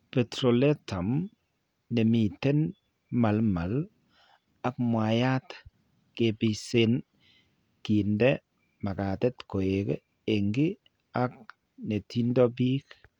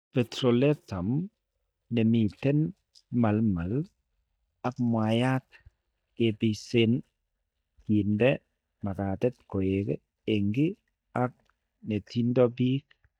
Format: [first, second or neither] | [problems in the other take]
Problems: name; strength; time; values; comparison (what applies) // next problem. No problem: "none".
first | noise reduction (neural mask model DeepFilterNet 3)